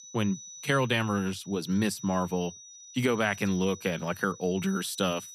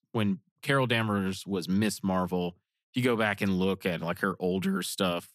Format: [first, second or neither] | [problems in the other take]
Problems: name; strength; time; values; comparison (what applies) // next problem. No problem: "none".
second | high-pitched whine; noticeable; throughout; 6 kHz, 15 dB below the speech